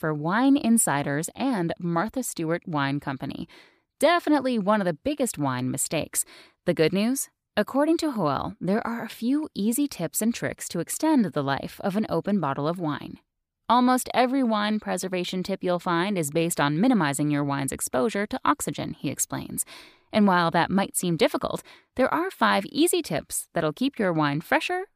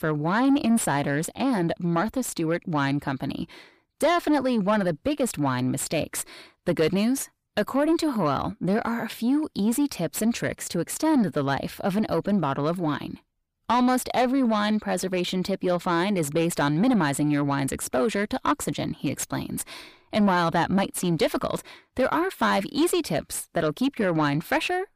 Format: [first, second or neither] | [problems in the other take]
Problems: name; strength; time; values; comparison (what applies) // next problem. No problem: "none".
first | distortion; slight; 10 dB below the speech